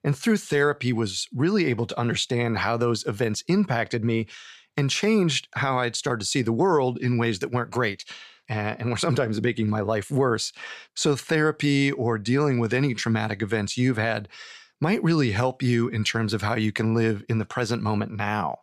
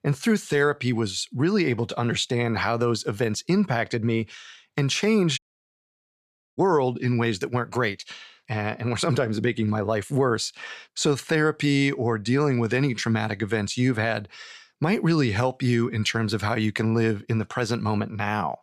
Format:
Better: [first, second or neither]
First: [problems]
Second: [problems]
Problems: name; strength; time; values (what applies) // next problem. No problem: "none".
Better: first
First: none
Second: audio cutting out; at 5.5 s for 1 s